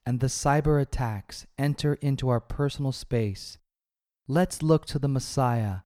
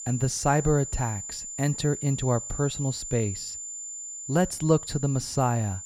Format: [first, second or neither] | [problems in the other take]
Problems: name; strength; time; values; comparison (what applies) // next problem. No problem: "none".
first | high-pitched whine; loud; throughout; 7 kHz, 8 dB below the speech